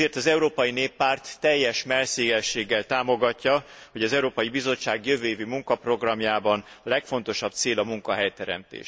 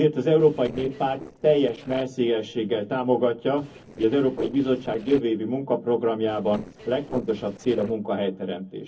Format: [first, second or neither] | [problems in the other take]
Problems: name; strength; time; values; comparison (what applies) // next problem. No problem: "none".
first | noise reduction (neural separator model SepFormer DNS4)